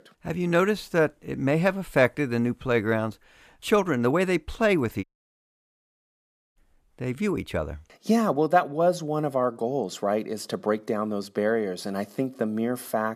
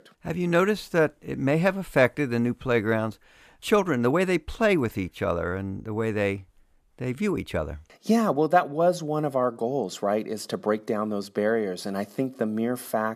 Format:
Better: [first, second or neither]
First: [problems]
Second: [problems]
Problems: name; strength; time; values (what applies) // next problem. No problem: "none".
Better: second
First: audio cutting out; at 5 s for 1.5 s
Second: none